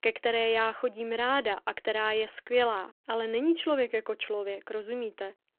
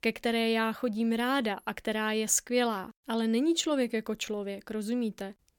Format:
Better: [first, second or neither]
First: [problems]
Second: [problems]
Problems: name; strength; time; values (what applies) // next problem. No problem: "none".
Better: second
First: phone-call audio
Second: none